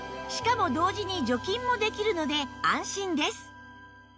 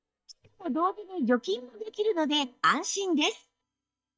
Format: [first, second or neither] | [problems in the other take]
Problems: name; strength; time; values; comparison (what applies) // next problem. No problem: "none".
first | noise reduction (neural mask model DeepFilterNet 3)